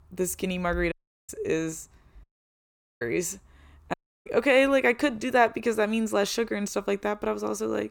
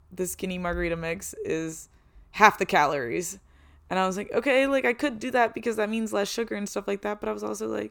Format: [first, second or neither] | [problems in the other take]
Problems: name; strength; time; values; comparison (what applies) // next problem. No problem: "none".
second | audio cutting out; at 1 s, at 2 s for 1 s and at 4 s